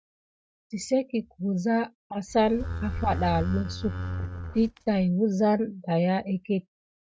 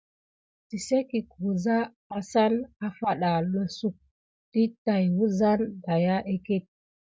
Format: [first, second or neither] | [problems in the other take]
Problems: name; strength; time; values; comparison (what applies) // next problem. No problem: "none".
second | noise reduction (neural mask model RNNoise)